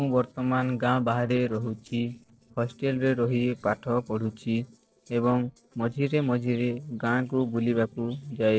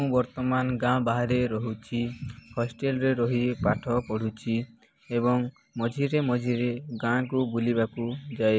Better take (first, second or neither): second